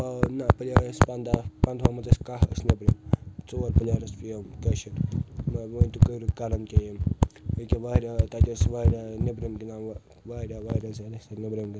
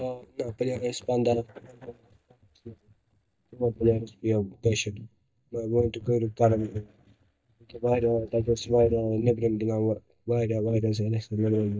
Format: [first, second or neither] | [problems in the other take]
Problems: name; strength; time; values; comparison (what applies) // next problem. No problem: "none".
first | noise reduction (neural mask model DeepFilterNet 3)